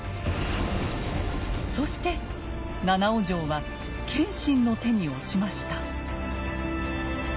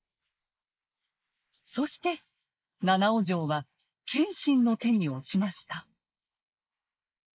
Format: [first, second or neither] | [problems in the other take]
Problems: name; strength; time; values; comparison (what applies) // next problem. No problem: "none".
first | noise reduction (neural mask model Resemble Enhance denoiser)